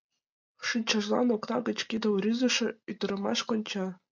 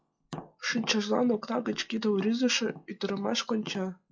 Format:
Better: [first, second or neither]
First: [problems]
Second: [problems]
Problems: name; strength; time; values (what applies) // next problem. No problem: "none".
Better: first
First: none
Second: noise reduction (classical method log-MMSE)